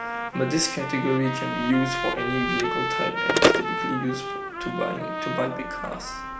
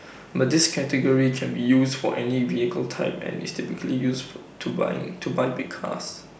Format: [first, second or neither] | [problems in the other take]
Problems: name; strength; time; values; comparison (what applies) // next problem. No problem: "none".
second | background sound (Trumpet + Telephone); 1 dB above the speech